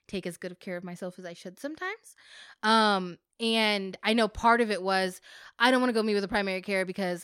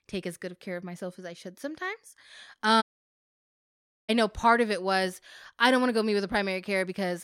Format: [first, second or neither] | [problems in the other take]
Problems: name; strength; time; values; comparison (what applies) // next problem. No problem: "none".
first | audio cutting out; at 3 s for 1.5 s